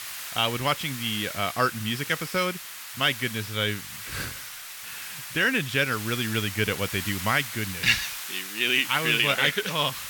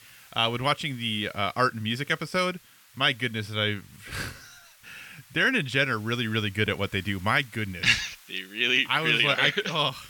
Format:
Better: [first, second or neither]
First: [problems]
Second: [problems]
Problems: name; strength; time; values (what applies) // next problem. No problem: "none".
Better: second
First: hiss; loud; throughout; 9 dB below the speech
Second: hiss; faint; throughout; 25 dB below the speech